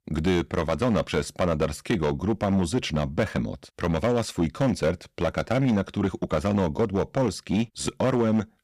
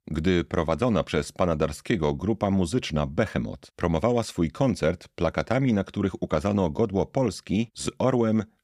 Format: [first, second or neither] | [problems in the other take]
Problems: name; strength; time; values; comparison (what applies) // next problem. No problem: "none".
second | distortion; slight; 6% of the sound clipped